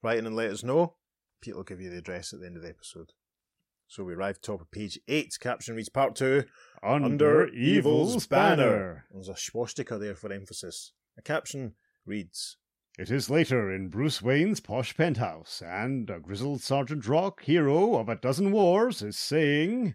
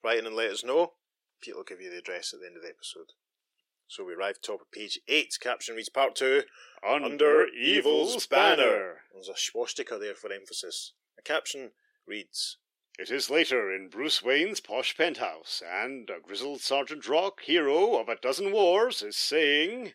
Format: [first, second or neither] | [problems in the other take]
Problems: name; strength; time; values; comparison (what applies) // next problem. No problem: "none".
first | thin; somewhat; fading below 350 Hz